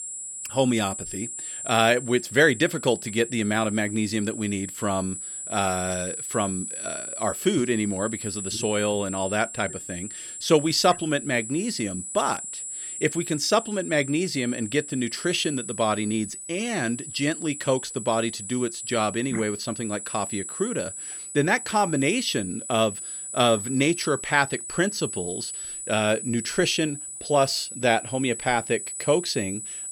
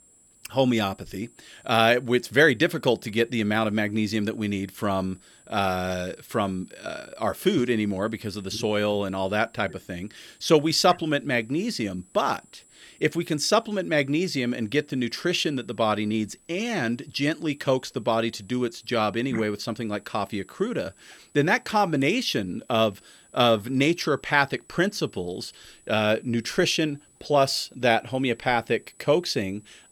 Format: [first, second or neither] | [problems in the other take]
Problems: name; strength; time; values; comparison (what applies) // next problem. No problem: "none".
second | high-pitched whine; loud; throughout; 8 kHz, 8 dB below the speech; faint in the second